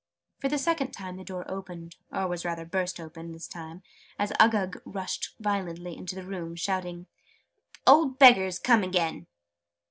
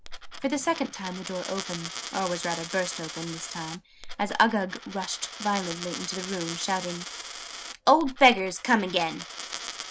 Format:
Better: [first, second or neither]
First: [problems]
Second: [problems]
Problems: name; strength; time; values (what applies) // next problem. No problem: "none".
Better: first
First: none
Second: background sound (Coin (dropping)); 10 dB below the speech